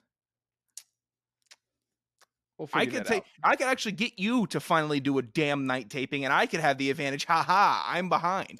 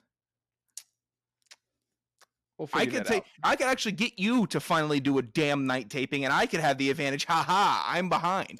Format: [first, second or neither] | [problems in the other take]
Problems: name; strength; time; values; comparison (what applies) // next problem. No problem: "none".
first | distortion; slight; 4% of the sound clipped